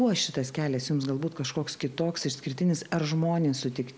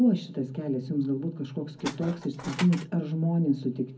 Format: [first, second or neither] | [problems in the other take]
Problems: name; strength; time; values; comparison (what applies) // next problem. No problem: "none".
first | background sound (Tools); 12 dB below the speech // room echo; dies away in 0.4 s